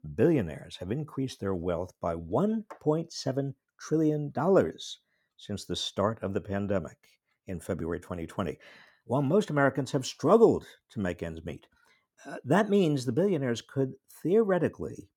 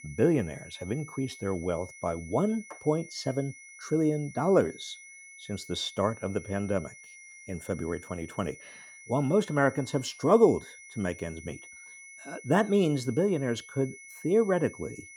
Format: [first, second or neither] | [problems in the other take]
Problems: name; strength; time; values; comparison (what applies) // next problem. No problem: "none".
first | high-pitched whine; noticeable; throughout; 2 kHz, 20 dB below the speech